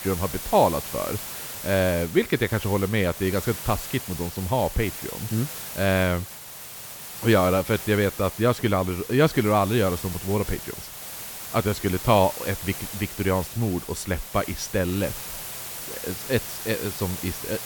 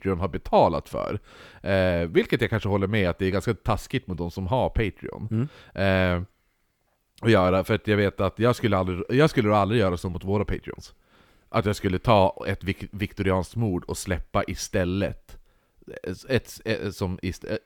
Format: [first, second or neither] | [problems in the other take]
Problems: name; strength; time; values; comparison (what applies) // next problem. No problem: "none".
second | hiss; loud; throughout; 9 dB below the speech